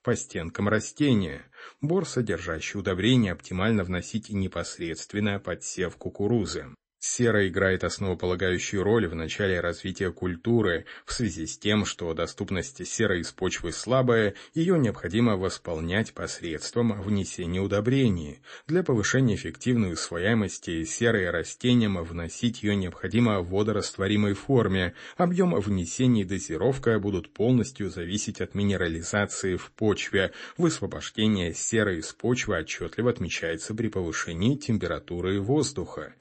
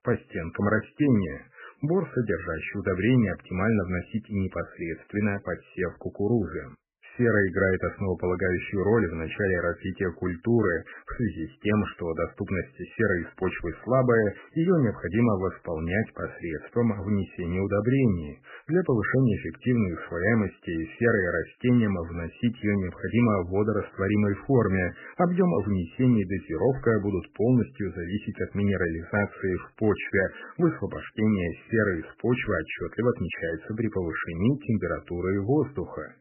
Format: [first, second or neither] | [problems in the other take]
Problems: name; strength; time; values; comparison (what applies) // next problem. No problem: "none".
first | garbled, watery; badly; nothing above 3 kHz; slightly in the first